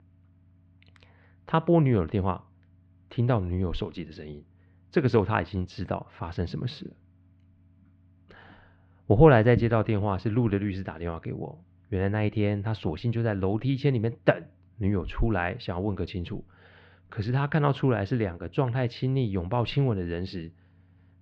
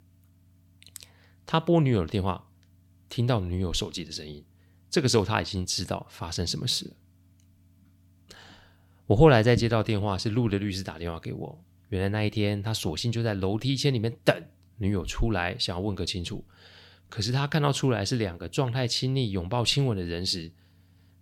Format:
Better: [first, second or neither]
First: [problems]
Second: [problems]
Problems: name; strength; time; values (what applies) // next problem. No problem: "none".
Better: second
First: muffled; very; fading above 2 kHz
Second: none